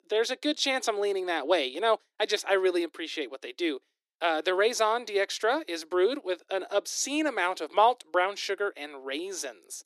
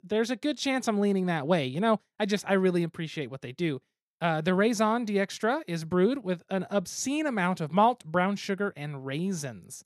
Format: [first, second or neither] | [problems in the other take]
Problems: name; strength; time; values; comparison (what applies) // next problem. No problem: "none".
second | thin; very; fading below 300 Hz